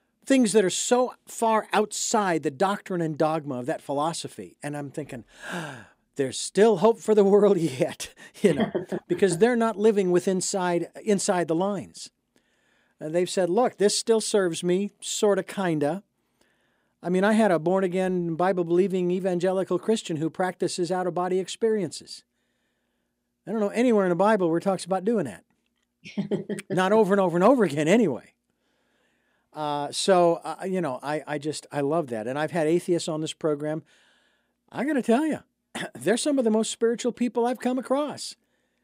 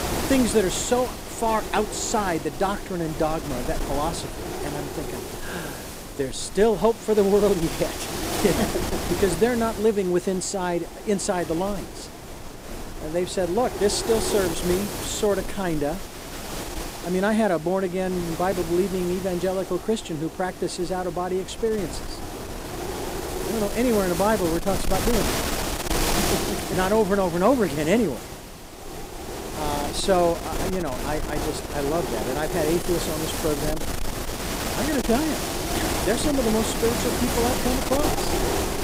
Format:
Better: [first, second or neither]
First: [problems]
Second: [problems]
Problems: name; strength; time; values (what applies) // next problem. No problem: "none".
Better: first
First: none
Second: wind noise on the microphone; heavy; 5 dB below the speech